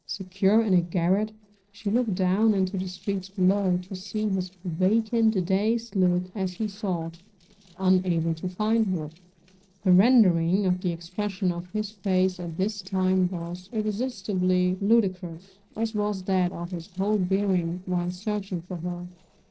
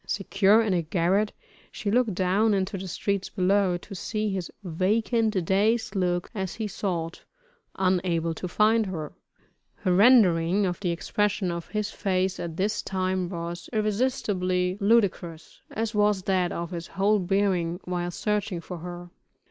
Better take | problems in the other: second | noise reduction (neural separator model SepFormer DNS4)

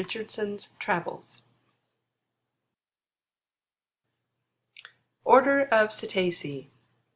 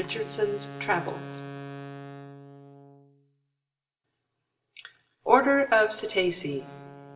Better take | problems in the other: first | background sound (Wind instrument, woodwind instrument); 15 dB below the speech // room echo; dies away in 2.3 s

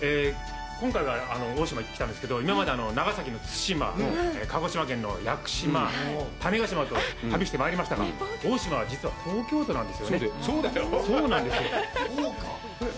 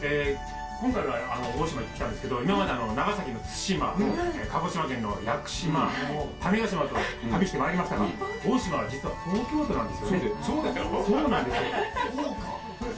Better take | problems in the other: first | background sound (Shatter / Boom); 18 dB below the speech // room echo; dies away in 0.2 s

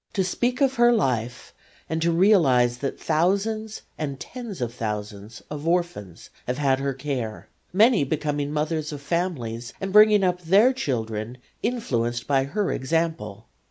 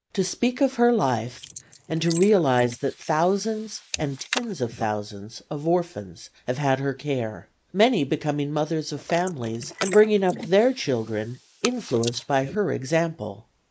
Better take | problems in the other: first | noise reduction (neural mask model Resemble Enhance denoiser)

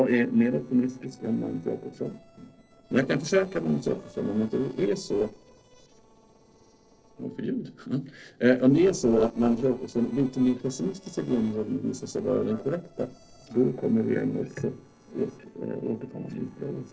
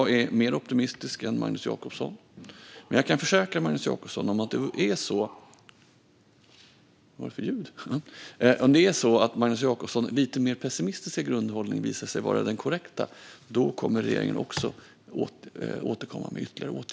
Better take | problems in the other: second | noise reduction (neural separator model SepFormer DNS4)

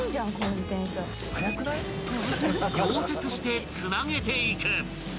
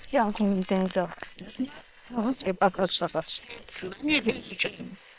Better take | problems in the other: first | noise reduction (neural separator model SepFormer WHAM!)

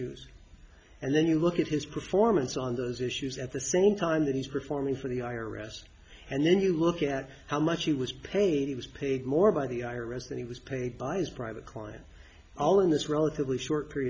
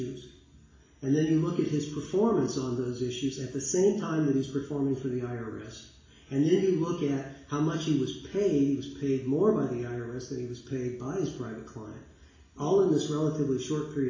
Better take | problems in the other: first | room echo; dies away in 0.7 s

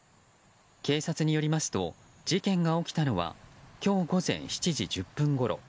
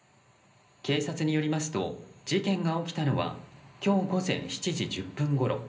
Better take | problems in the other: first | room echo; dies away in 0.5 s

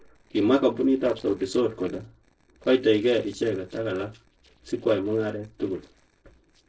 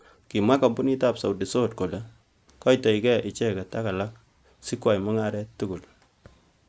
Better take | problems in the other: second | noise reduction (neural separator model SepFormer DNS4)

